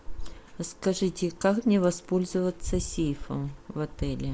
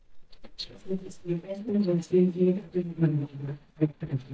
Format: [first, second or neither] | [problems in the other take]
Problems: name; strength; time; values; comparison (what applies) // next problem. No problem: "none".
first | noise reduction (neural mask model DeepFilterNet 3)